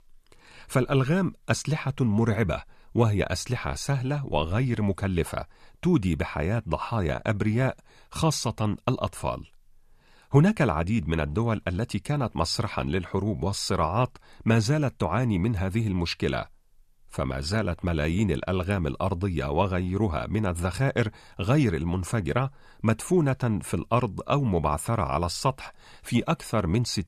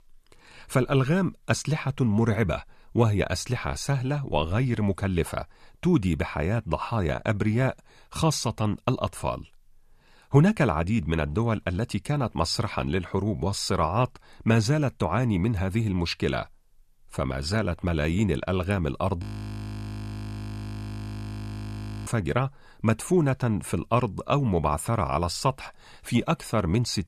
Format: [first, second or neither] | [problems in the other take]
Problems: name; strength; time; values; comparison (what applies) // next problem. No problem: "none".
first | audio freezing; at 19 s for 3 s